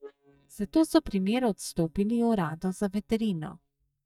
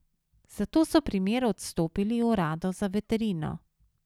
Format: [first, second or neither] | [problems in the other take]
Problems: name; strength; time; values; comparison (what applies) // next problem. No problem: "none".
second | noise reduction (neural mask model DeepFilterNet 3)